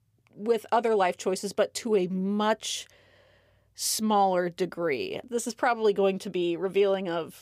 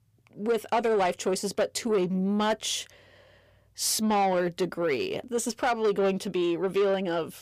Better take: first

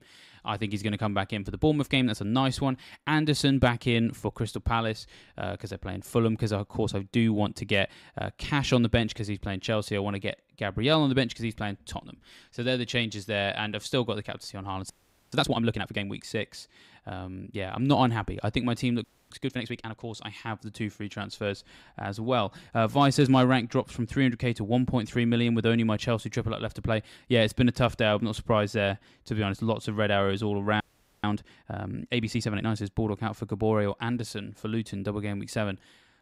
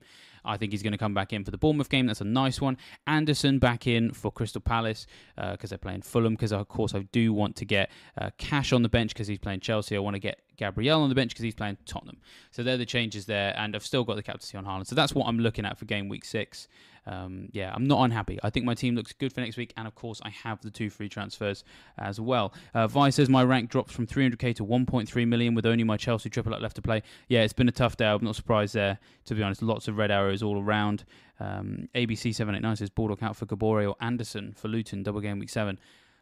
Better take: second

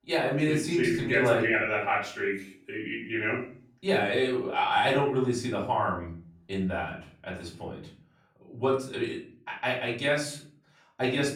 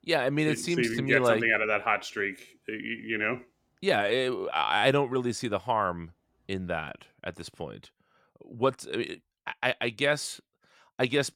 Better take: second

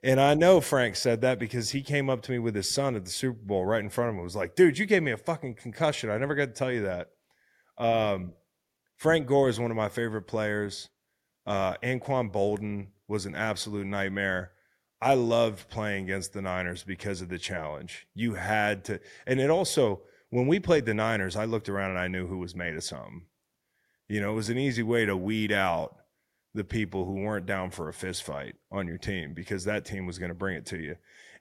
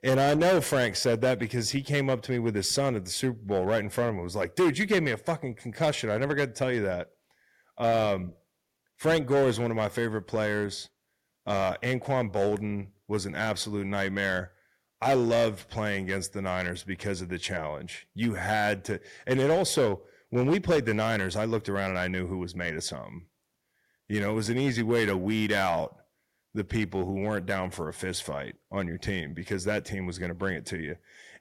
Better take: first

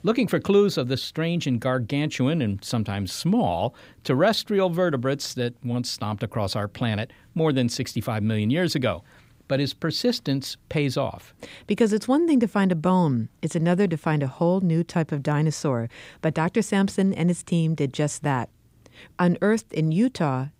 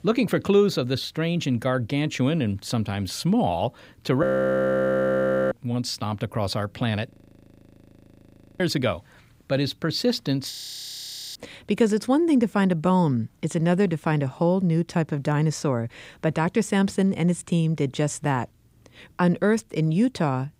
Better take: first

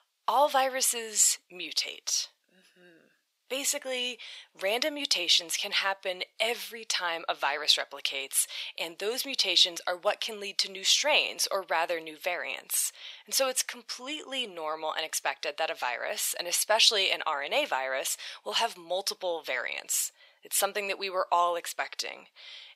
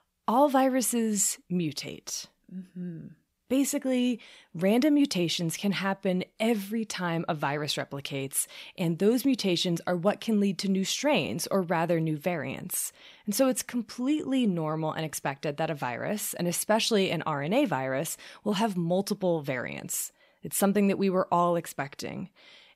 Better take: second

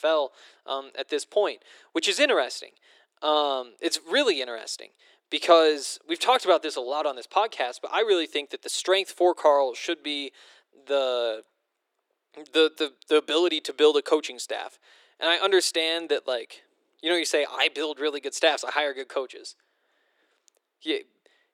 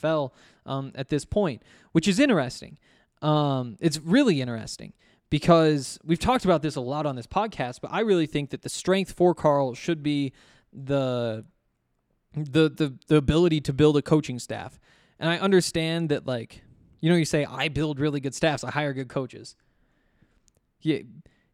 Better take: second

